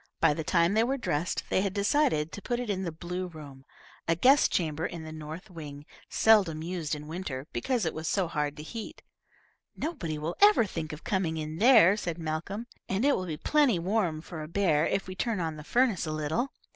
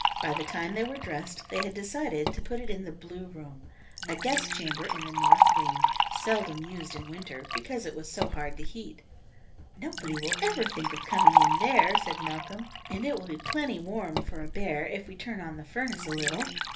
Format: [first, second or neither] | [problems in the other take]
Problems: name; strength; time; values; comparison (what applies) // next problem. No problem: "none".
first | background sound (Liquid); 4 dB above the speech // room echo; dies away in 0.3 s